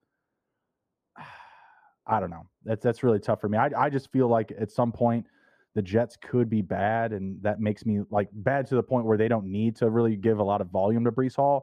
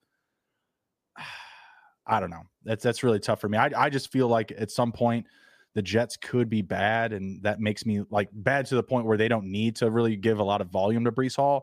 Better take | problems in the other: second | muffled; slightly; fading above 2 kHz

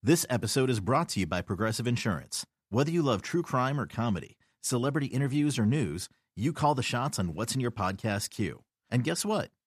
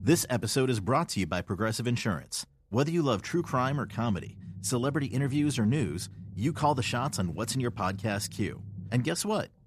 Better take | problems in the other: first | low rumble; faint; throughout; 25 dB below the speech

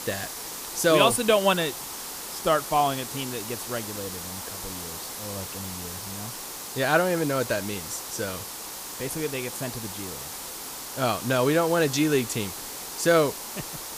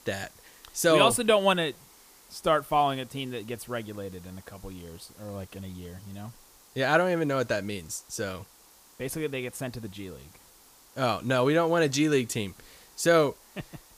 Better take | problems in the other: second | hiss; loud; throughout; 9 dB below the speech; faint in the second

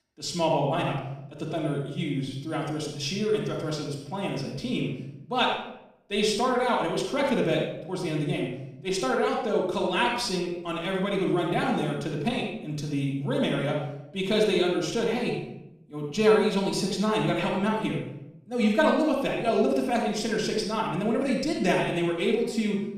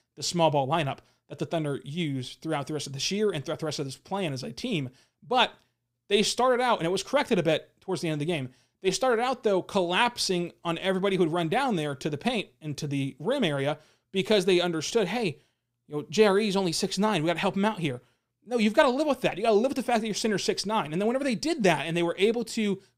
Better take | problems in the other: second | off-mic speech; far // room echo; noticeable; dies away in 0.7 s

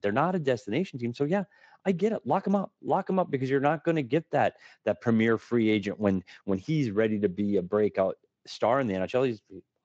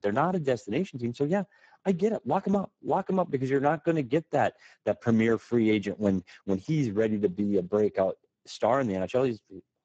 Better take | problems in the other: first | garbled, watery; badly; nothing above 7.5 kHz; slightly in the first

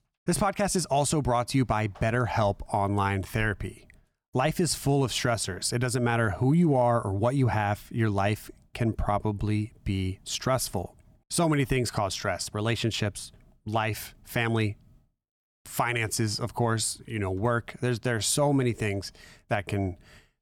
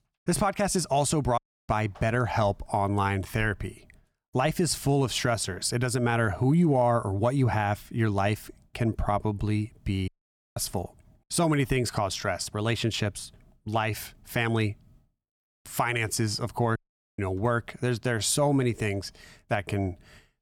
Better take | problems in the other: first | audio cutting out; at 1.5 s, at 10 s and at 17 s

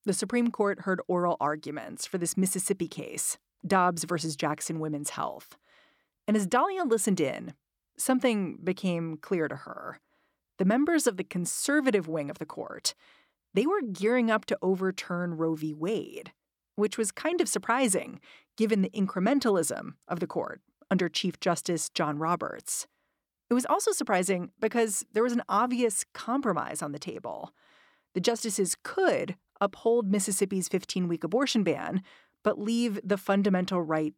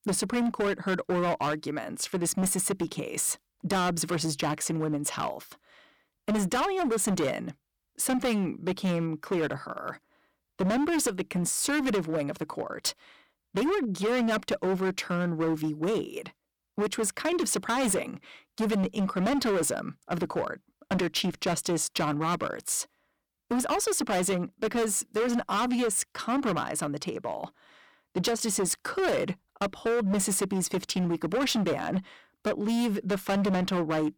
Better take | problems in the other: first | distortion; heavy; 18% of the sound clipped

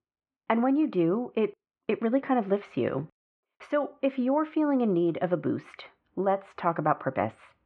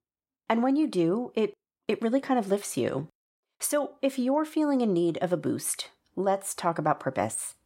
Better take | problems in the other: second | muffled; very; fading above 2.5 kHz

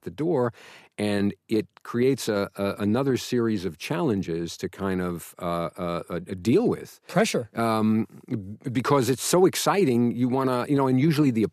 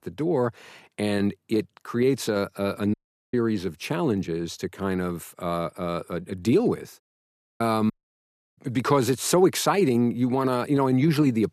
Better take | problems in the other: first | audio cutting out; at 3 s, at 7 s for 0.5 s and at 8 s for 0.5 s

